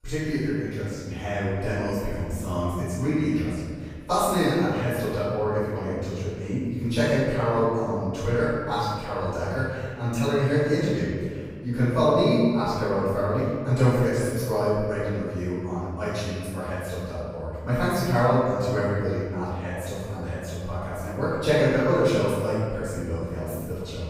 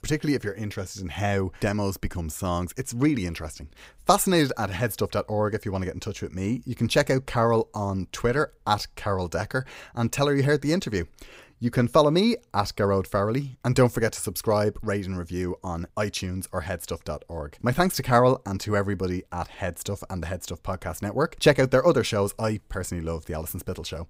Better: second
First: room echo; strong; dies away in 2 s // off-mic speech; far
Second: none

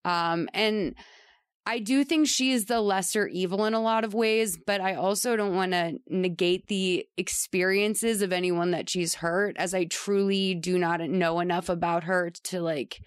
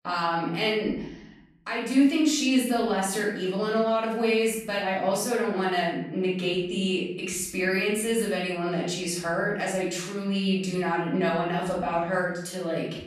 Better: first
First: none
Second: off-mic speech; far // room echo; noticeable; dies away in 0.8 s

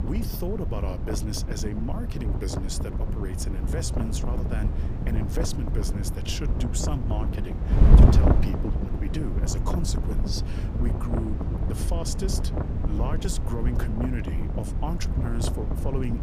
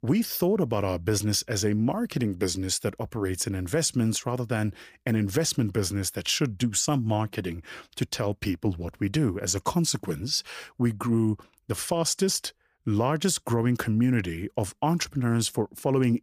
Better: second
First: wind noise on the microphone; heavy; as loud as the speech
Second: none

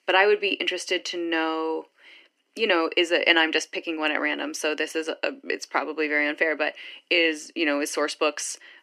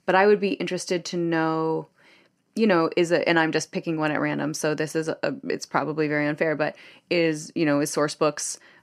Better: second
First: thin; somewhat; fading below 300 Hz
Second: none

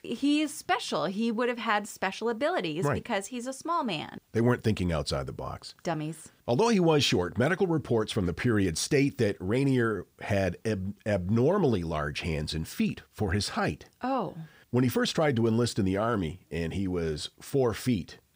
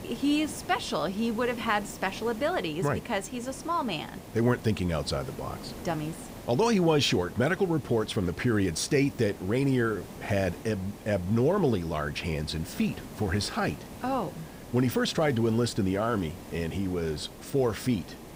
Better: first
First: none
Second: hiss; noticeable; throughout; 15 dB below the speech

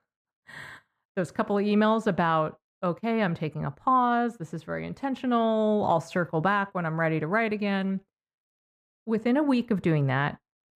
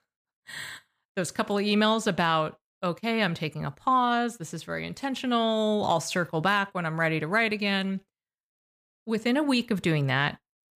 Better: second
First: muffled; slightly; fading above 2.5 kHz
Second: none

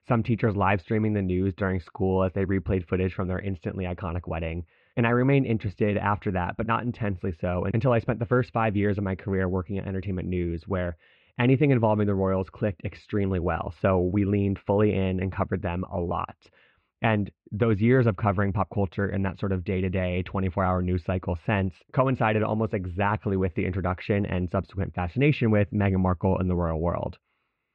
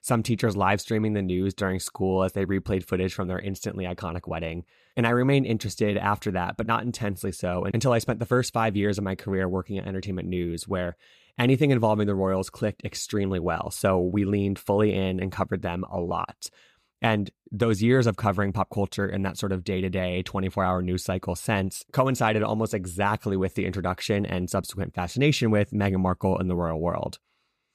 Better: second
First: muffled; very; fading above 2.5 kHz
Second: none

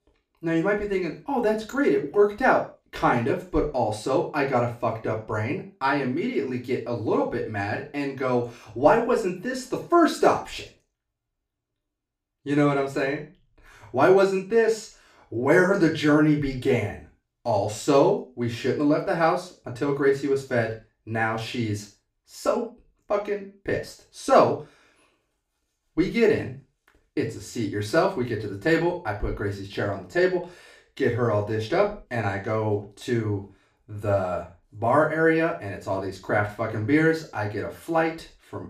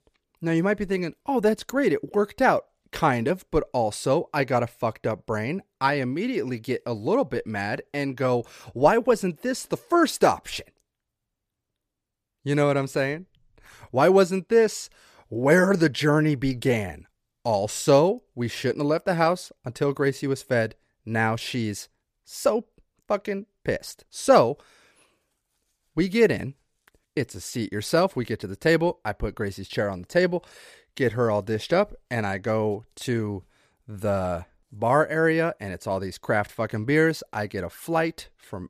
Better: second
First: room echo; slight; dies away in 0.4 s // off-mic speech; far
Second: none

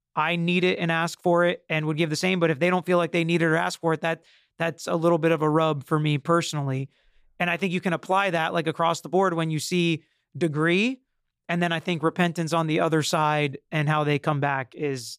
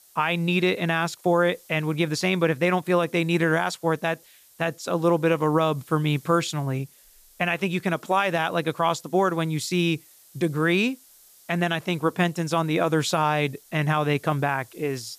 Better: first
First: none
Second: hiss; faint; throughout; 25 dB below the speech

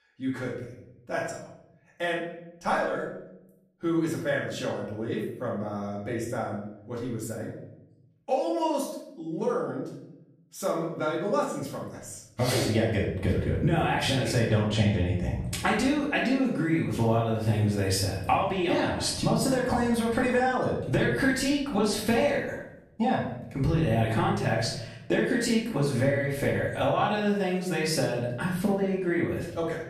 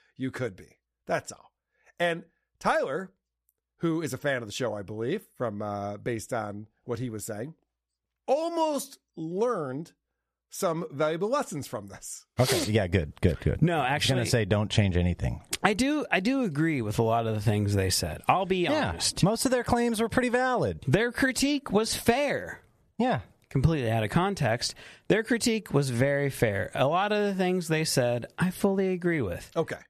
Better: second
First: off-mic speech; far // room echo; noticeable; dies away in 0.7 s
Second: none

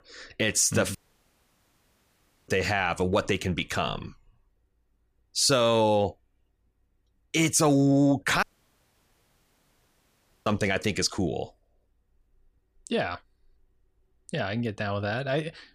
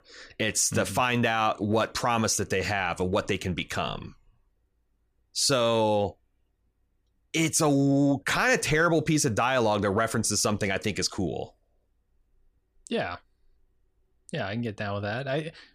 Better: second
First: audio cutting out; at 1 s for 1.5 s and at 8.5 s for 2 s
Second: none

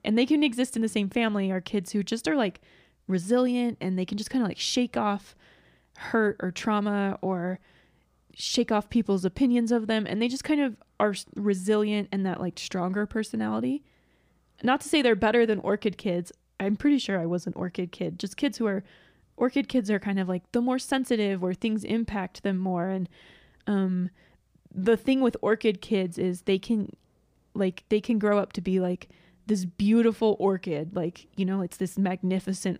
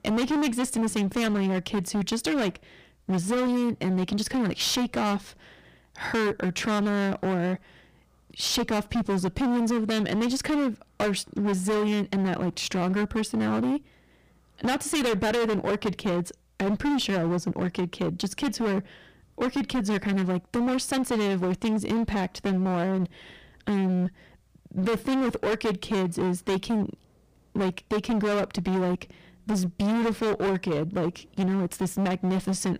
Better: first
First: none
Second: distortion; heavy; 28% of the sound clipped

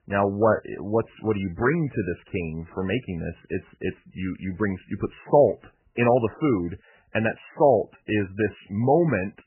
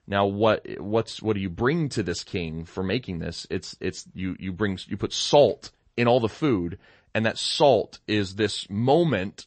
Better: second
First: garbled, watery; badly; nothing above 3 kHz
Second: garbled, watery; slightly; nothing above 8 kHz

